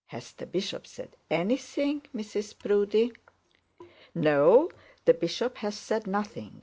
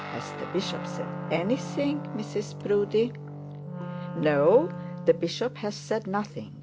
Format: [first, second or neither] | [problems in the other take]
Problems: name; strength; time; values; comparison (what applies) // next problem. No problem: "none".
first | background sound (Wind instrument, woodwind instrument + Guitar); 8 dB below the speech